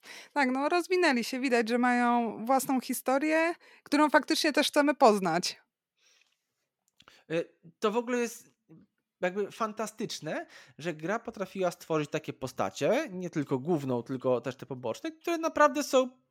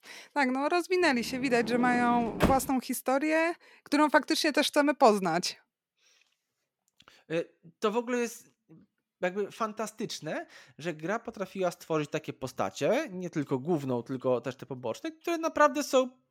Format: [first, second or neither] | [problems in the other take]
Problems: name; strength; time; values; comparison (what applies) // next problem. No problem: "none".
first | door banging; noticeable; at 1.5 s; peak level with the speech